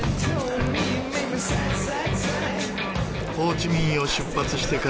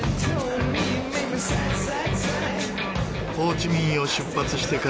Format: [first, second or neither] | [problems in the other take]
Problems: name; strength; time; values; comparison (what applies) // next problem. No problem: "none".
second | background sound (Chewing, mastication); 15 dB below the speech